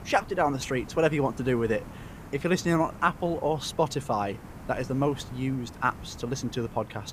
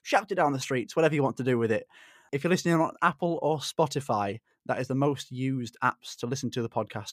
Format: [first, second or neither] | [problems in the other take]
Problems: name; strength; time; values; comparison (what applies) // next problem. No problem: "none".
second | hiss; noticeable; throughout; 15 dB below the speech